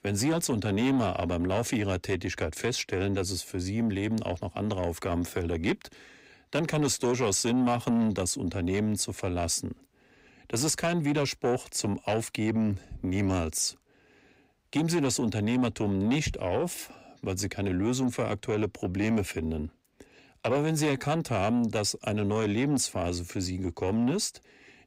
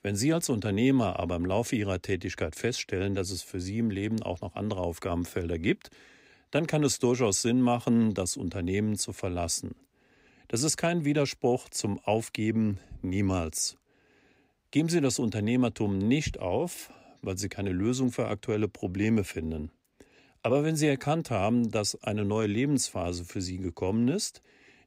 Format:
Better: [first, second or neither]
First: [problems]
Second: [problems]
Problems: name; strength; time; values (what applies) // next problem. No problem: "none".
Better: second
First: distortion; slight; 10 dB below the speech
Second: none